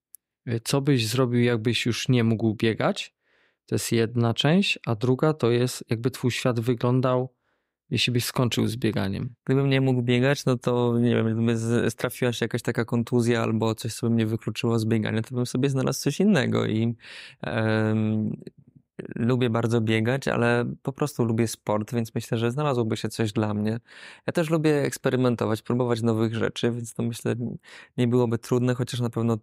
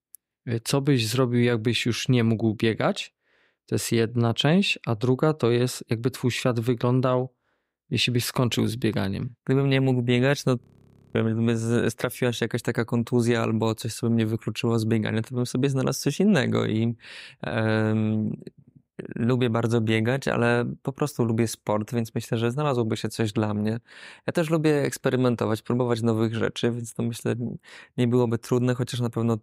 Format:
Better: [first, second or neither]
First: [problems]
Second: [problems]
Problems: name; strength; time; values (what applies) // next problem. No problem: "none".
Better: first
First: none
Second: audio freezing; at 11 s for 0.5 s